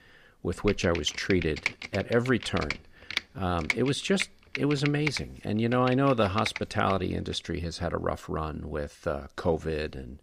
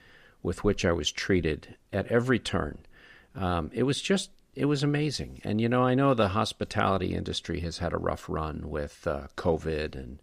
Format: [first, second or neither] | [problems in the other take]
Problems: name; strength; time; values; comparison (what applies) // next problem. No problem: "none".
second | keyboard typing; noticeable; from 0.5 to 7 s; peak 2 dB below the speech